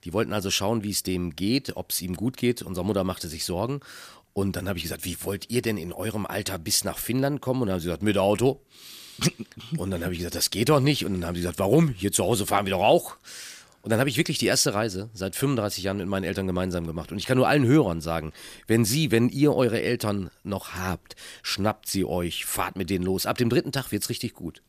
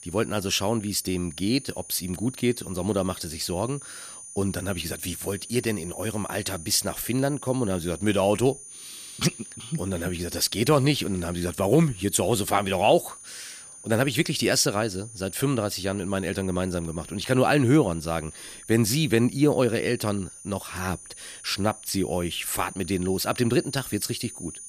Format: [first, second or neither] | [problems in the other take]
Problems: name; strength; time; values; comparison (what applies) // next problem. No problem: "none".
first | high-pitched whine; noticeable; throughout; 9.5 kHz, 15 dB below the speech